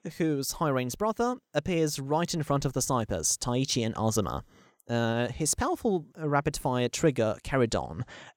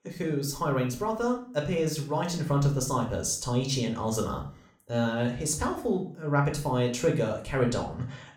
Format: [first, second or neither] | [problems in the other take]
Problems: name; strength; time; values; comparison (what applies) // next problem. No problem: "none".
first | room echo; slight; dies away in 0.4 s // off-mic speech; somewhat distant